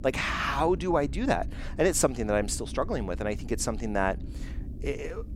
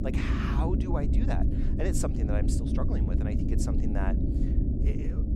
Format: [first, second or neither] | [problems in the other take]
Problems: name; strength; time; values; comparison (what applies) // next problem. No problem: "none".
first | low rumble; loud; throughout; 1 dB below the speech; faint in the first